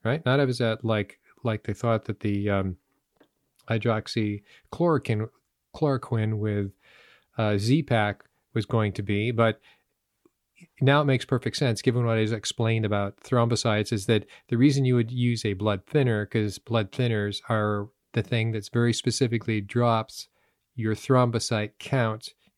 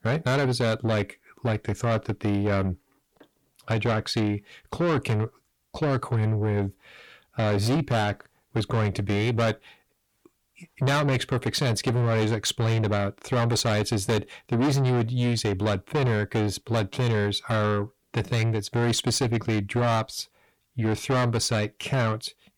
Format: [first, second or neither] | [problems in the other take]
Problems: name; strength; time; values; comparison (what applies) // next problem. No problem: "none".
first | distortion; heavy; 6 dB below the speech